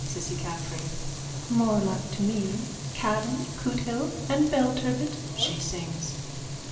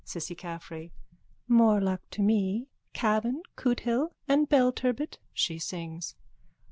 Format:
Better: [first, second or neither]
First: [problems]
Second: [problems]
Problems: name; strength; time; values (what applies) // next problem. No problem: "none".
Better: second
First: background sound (Frying (food)); 5 dB below the speech // room echo; dies away in 0.8 s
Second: none